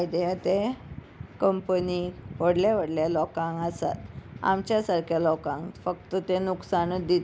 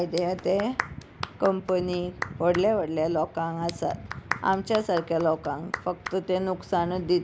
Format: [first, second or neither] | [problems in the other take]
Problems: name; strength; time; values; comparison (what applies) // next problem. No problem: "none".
first | background sound (Clapping); 12 dB below the speech